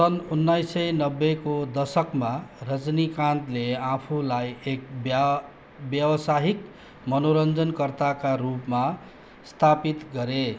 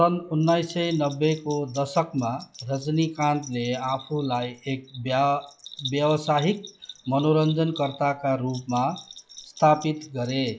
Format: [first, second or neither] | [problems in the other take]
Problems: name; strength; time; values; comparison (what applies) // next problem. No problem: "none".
first | noise reduction (classical method log-MMSE)